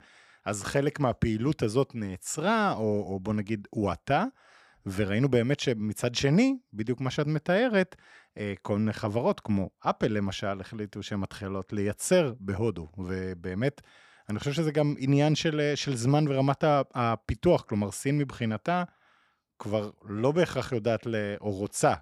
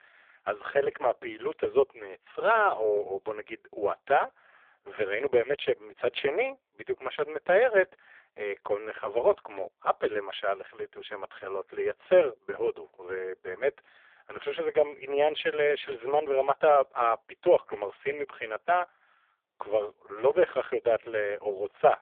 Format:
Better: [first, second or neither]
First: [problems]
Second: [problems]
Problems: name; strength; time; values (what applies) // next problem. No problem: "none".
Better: first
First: none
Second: phone-call audio; poor line; nothing above 3.5 kHz